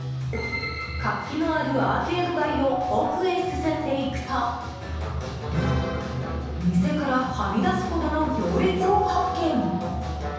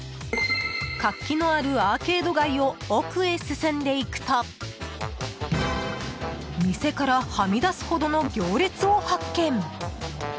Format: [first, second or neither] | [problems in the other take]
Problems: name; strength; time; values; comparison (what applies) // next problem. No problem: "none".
second | background sound (Keyboard (musical)); 12 dB below the speech // room echo; dies away in 1.1 s